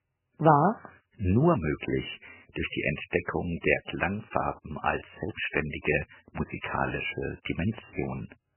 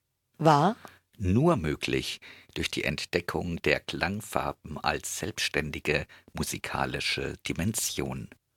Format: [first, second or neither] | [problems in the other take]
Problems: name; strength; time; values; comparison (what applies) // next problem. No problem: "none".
second | garbled, watery; badly; nothing above 3 kHz